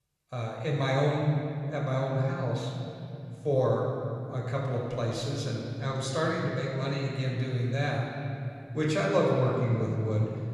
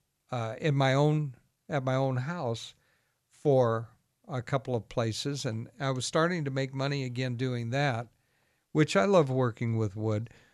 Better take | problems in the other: second | off-mic speech; far // room echo; noticeable; dies away in 2.9 s

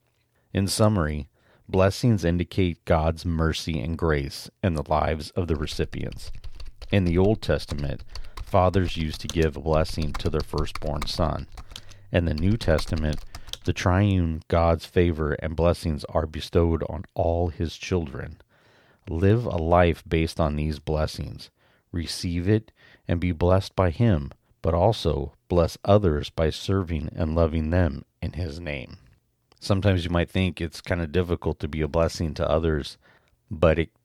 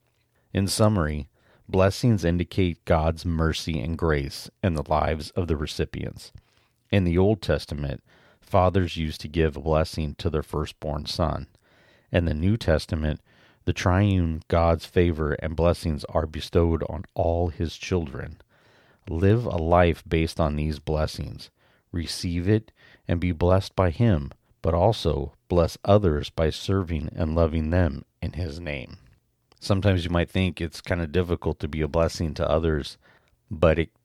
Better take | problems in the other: second | keyboard typing; faint; from 5.5 to 14 s; peak 10 dB below the speech

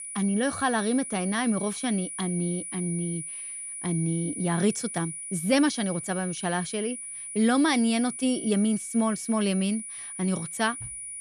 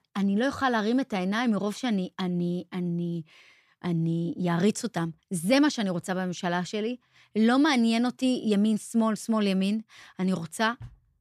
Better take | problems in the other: second | high-pitched whine; loud; throughout; 9.5 kHz, 7 dB below the speech

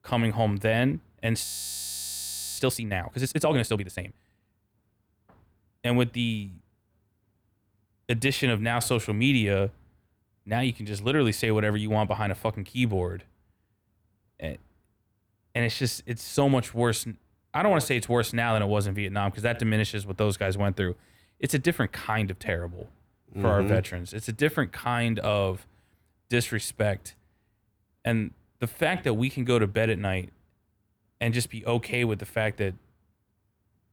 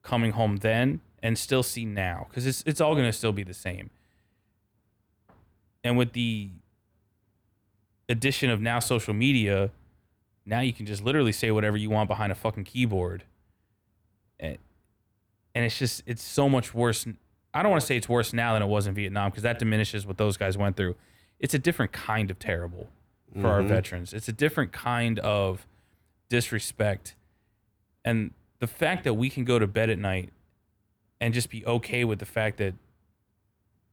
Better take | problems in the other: second | audio freezing; at 1.5 s for 1 s

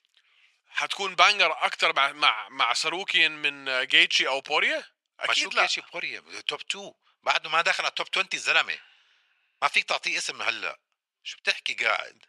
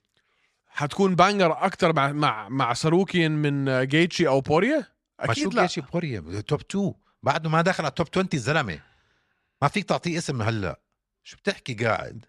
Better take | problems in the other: second | thin; very; fading below 850 Hz

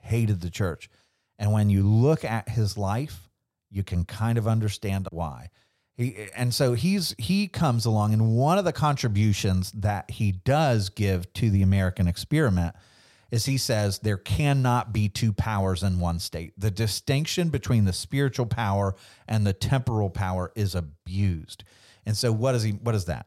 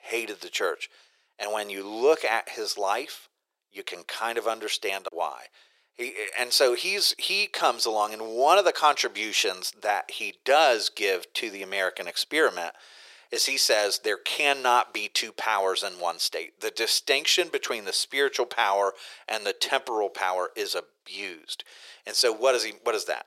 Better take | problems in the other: first | thin; very; fading below 350 Hz

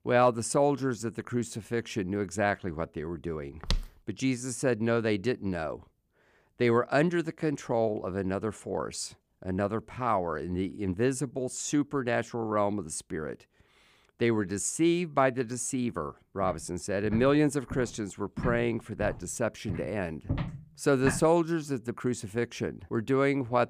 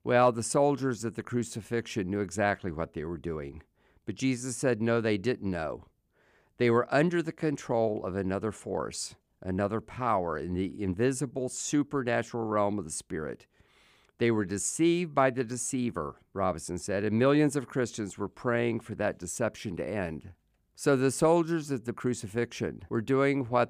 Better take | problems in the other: second | footsteps; noticeable; at 3.5 s and from 16 to 21 s; peak 4 dB below the speech

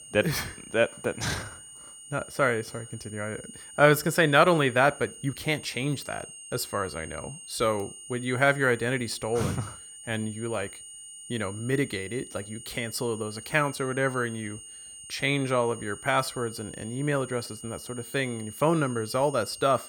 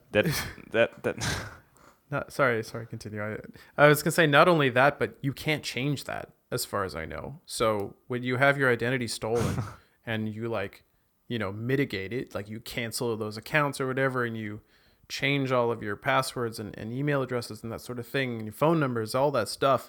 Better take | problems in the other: second | high-pitched whine; noticeable; throughout; 9 kHz, 15 dB below the speech

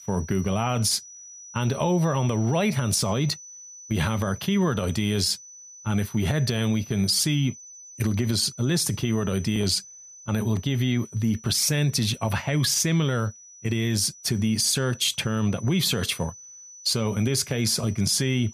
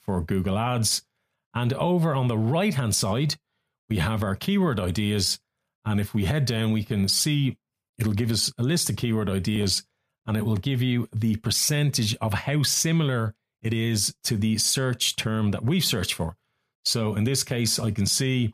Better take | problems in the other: second | high-pitched whine; noticeable; throughout; 6 kHz, 20 dB below the speech

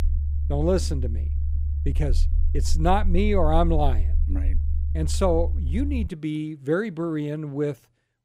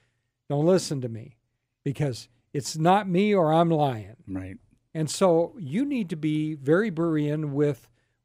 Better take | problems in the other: second | low rumble; noticeable; until 6 s; 20 dB below the speech

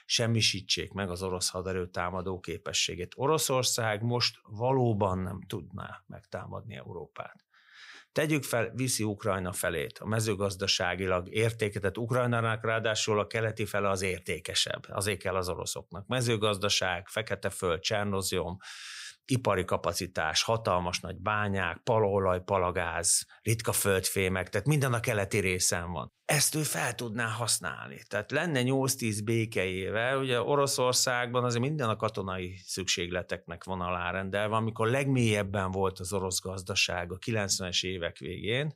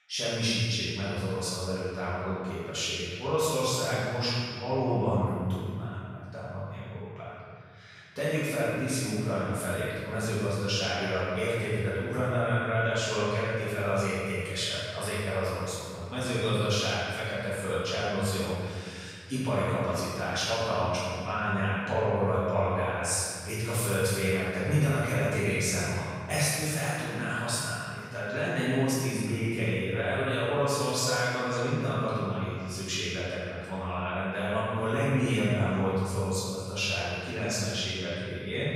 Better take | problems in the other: first | room echo; strong; dies away in 2.1 s // off-mic speech; far

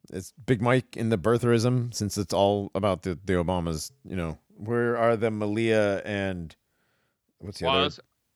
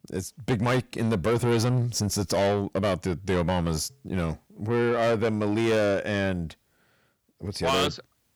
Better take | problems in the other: first | distortion; heavy; 7 dB below the speech

